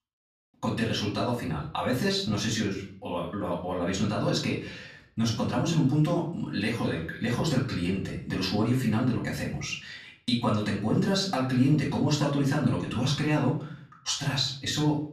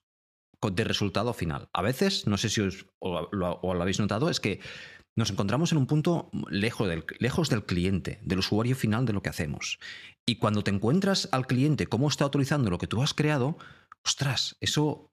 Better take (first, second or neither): second